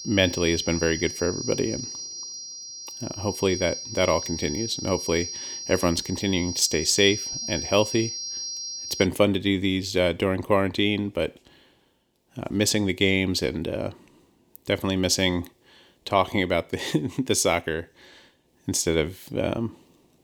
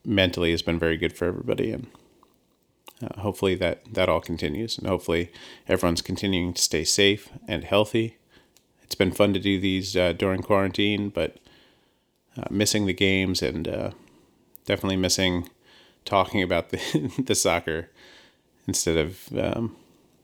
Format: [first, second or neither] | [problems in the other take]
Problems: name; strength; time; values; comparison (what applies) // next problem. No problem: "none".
second | high-pitched whine; loud; until 9 s; 5.5 kHz, 7 dB below the speech